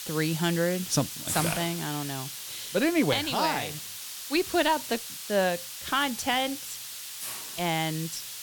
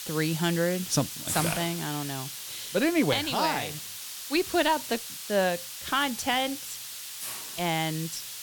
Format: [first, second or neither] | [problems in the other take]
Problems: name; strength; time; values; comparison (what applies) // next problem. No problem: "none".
neither | hiss; loud; throughout; 7 dB below the speech; the same in both